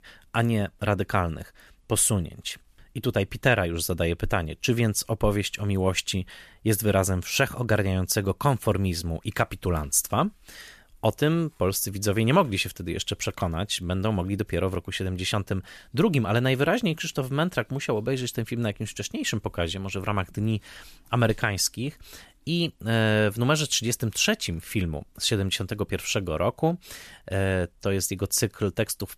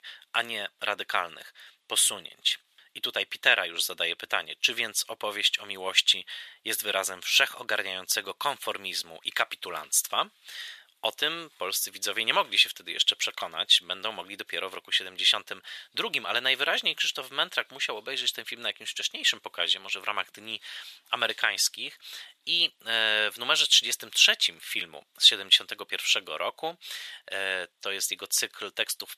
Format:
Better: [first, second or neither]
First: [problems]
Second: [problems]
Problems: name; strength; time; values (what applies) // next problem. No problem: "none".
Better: first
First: none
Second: thin; very; fading below 750 Hz